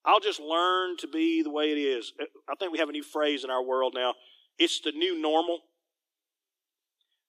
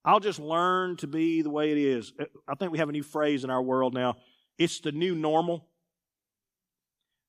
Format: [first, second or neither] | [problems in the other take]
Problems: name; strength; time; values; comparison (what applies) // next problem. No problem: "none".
second | thin; very slightly; fading below 300 Hz